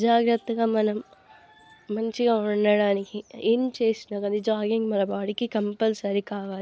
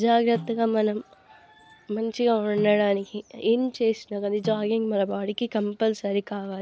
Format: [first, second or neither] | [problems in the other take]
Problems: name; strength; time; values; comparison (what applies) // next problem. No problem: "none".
first | background sound (Snare drum); 19 dB below the speech